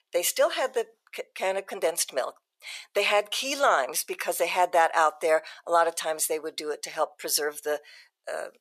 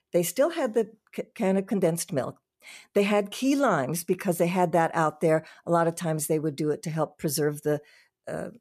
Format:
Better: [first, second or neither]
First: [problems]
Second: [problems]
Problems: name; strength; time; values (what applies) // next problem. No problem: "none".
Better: second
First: thin; very; fading below 600 Hz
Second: none